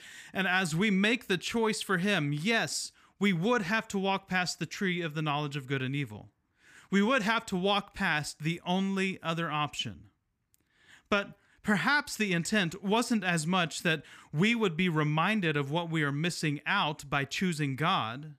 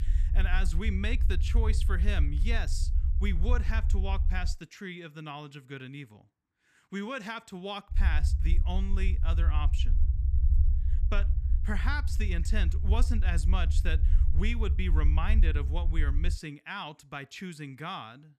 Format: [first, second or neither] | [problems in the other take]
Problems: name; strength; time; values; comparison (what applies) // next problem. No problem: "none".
first | low rumble; noticeable; until 4.5 s and from 8 to 16 s; 10 dB below the speech